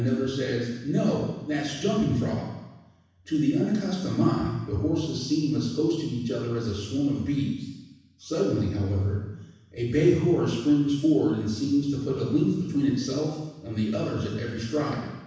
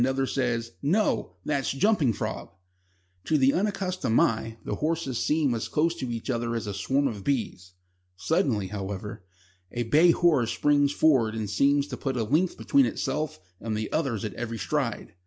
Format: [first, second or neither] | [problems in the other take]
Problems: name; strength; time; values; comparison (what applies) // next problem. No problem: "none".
second | room echo; dies away in 1.1 s